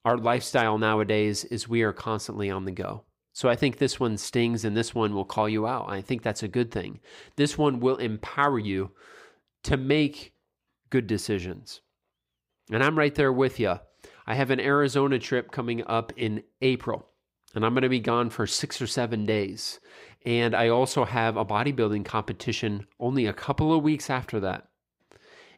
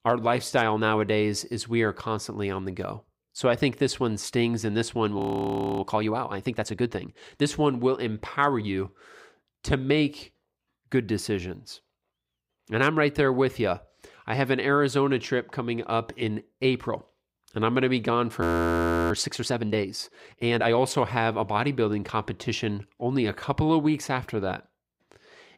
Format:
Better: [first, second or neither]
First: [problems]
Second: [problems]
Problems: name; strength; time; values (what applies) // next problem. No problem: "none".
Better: first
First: none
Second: audio freezing; at 5 s for 0.5 s and at 18 s for 0.5 s